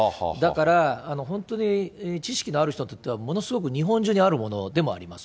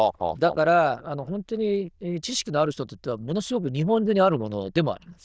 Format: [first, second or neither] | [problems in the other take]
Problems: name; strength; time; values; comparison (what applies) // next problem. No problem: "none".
first | noise reduction (neural diffusion model UNIVERSE++)